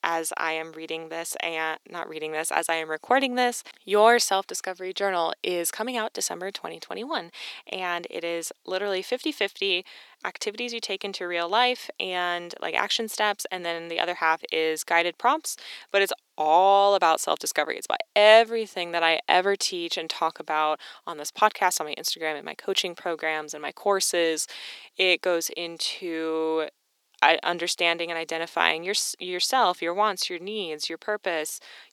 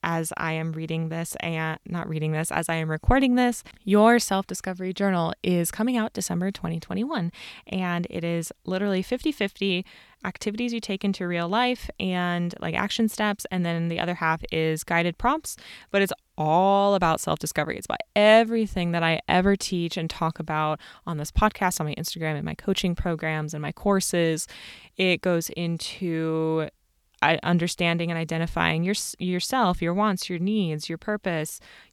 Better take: second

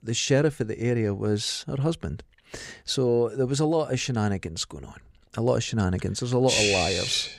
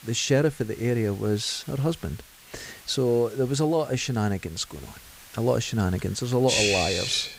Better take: first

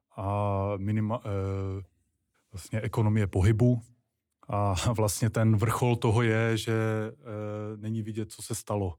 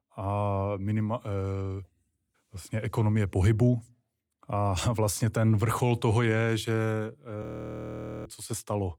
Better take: first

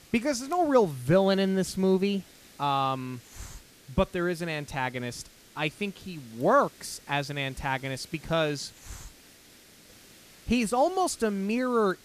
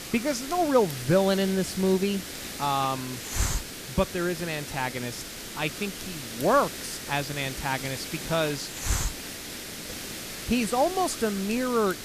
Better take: first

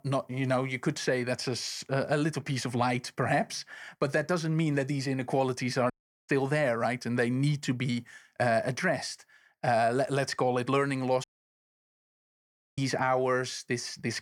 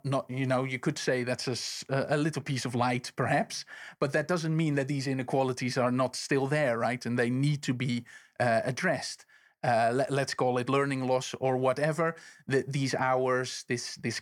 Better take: second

